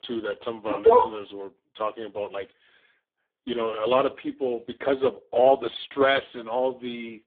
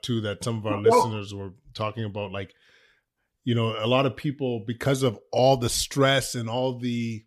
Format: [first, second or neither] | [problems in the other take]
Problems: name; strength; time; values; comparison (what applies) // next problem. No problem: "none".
second | phone-call audio; poor line; nothing above 3.5 kHz